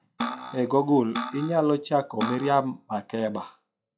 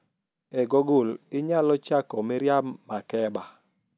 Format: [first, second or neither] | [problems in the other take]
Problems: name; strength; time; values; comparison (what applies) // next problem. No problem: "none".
second | noise reduction (classical method WPE with log-MMSE)